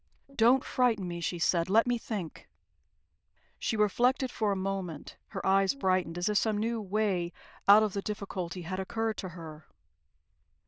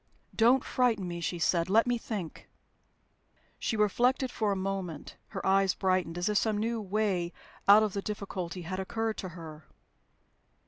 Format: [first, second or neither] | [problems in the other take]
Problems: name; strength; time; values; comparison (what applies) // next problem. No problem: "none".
second | noise reduction (neural diffusion model UNIVERSE++)